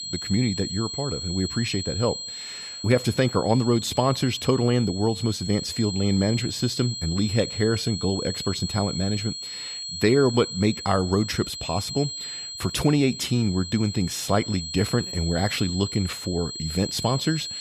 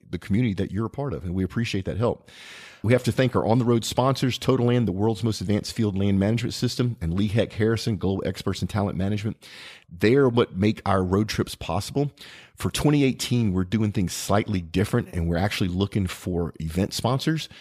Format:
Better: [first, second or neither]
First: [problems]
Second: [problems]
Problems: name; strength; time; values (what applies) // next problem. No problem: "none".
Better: second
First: high-pitched whine; loud; throughout; 4 kHz, 7 dB below the speech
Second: none